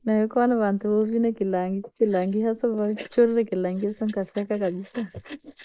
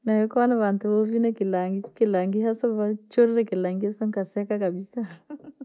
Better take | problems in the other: second | noise reduction (neural mask model Resemble Enhance denoiser)

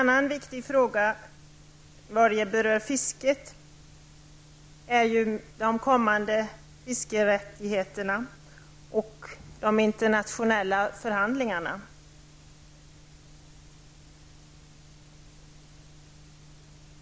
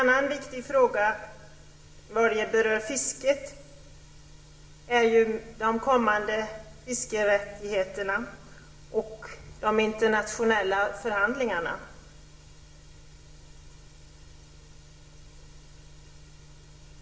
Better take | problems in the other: first | room echo; dies away in 0.9 s

